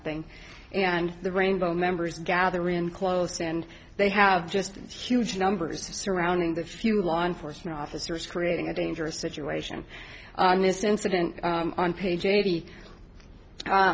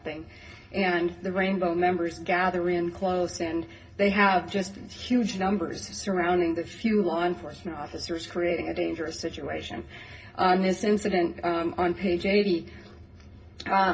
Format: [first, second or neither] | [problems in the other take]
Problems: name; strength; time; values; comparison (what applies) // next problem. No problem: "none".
first | room echo; dies away in 0.4 s